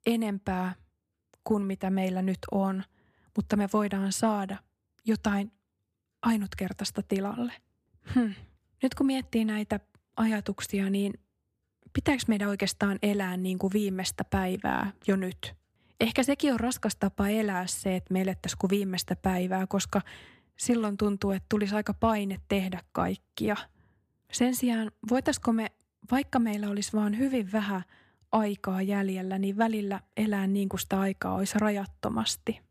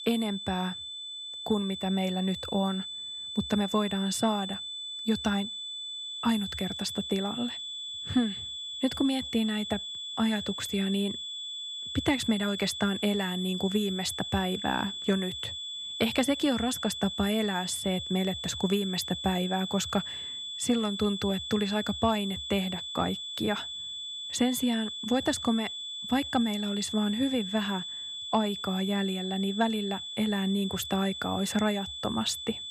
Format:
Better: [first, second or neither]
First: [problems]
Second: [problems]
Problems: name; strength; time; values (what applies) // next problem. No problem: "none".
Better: first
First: none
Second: high-pitched whine; loud; throughout; 3.5 kHz, 5 dB below the speech